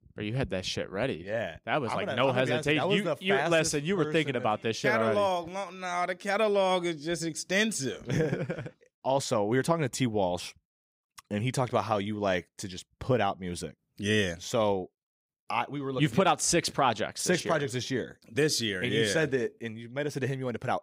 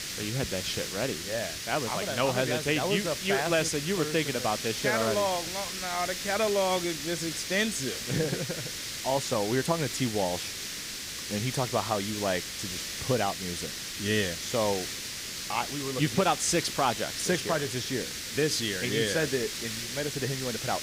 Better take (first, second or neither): first